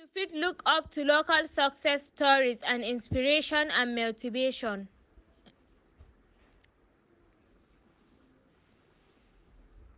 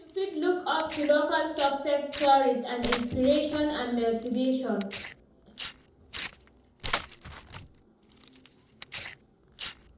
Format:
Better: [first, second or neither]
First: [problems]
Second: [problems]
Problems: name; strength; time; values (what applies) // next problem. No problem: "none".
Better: first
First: none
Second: background sound (Tearing); 13 dB below the speech // room echo; dies away in 2.6 s